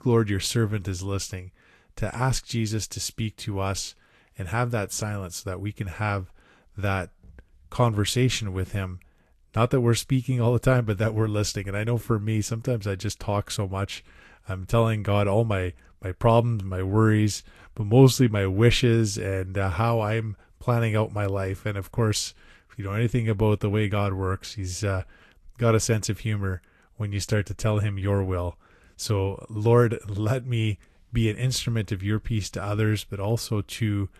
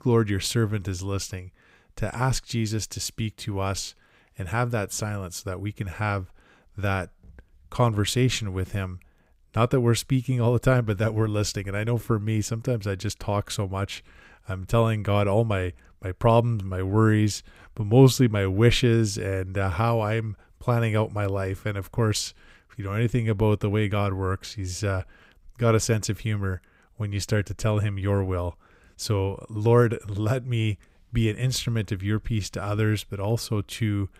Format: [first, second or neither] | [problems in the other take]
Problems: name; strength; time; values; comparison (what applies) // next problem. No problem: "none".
second | garbled, watery; slightly; nothing above 12.5 kHz